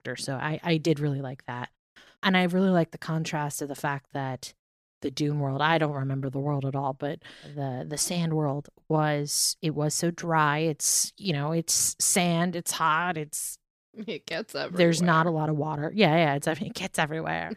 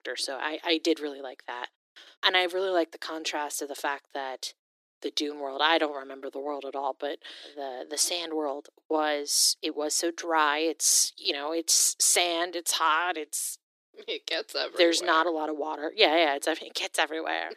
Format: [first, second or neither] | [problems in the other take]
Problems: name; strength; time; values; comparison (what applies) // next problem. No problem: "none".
first | thin; very; fading below 300 Hz